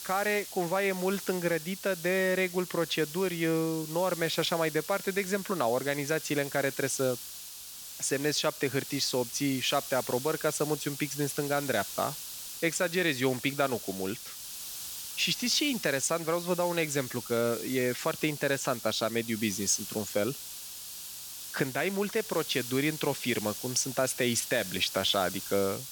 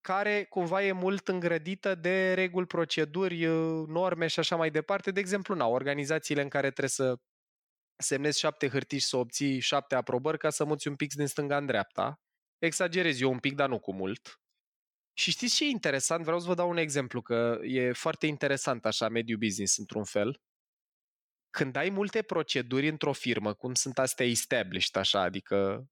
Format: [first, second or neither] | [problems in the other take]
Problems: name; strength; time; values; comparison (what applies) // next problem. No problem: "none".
second | hiss; loud; throughout; 9 dB below the speech